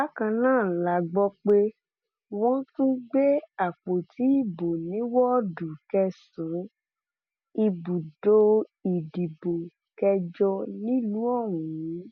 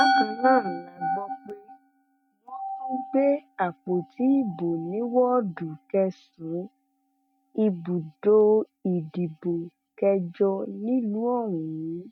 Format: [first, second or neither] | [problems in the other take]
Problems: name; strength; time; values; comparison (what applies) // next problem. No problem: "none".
first | noise reduction (neural mask model RNNoise)